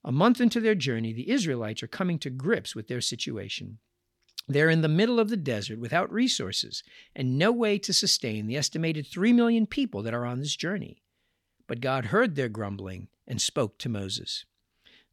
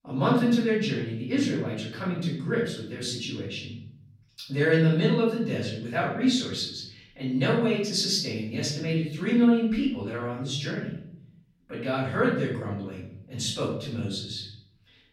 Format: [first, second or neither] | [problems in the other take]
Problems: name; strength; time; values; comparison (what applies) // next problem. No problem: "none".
first | off-mic speech; far // room echo; noticeable; dies away in 0.7 s